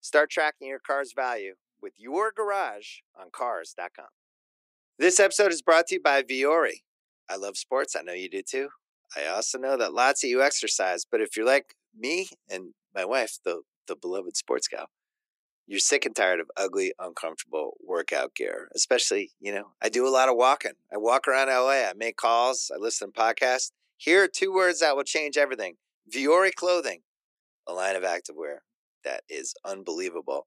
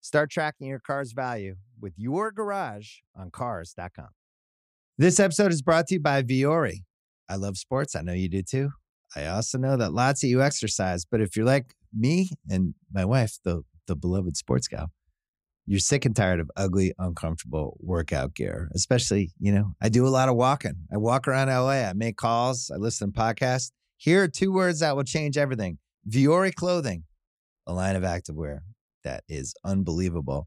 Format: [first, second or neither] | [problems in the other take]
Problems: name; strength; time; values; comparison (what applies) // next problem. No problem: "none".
second | thin; very; fading below 350 Hz